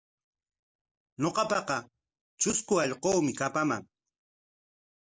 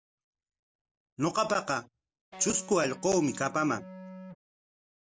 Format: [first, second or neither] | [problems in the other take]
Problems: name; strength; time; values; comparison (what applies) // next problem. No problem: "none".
first | background sound (Electric guitar); 14 dB below the speech